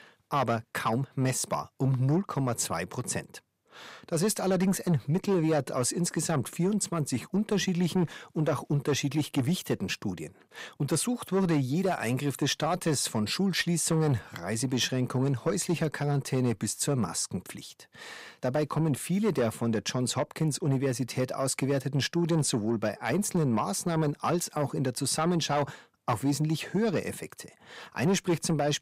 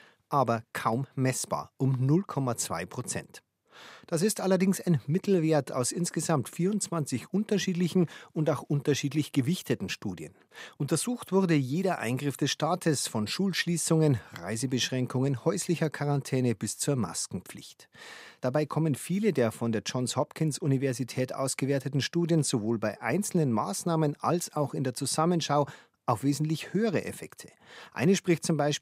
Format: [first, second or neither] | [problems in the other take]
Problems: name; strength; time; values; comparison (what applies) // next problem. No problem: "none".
second | distortion; slight; 10 dB below the speech